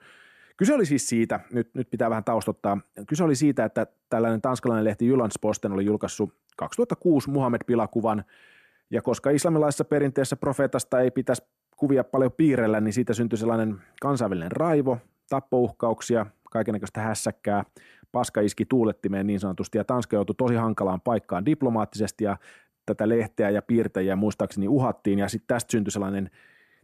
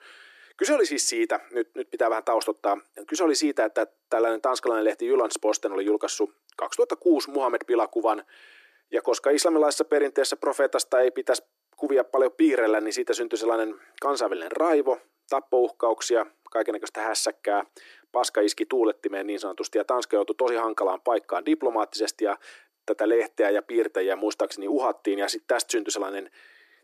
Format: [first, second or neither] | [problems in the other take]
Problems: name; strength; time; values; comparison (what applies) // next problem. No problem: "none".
first | thin; very; fading below 300 Hz